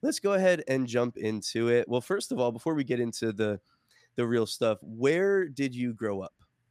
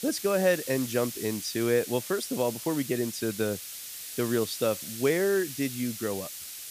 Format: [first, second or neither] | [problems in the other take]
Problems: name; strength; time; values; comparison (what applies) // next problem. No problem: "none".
first | hiss; loud; throughout; 8 dB below the speech